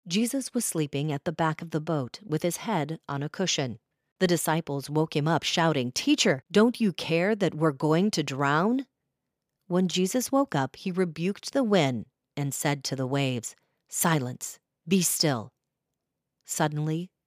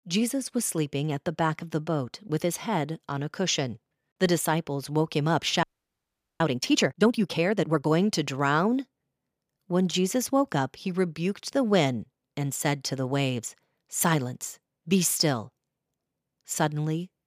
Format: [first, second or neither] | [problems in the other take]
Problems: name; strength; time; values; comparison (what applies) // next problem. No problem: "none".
first | audio freezing; at 5.5 s for 1 s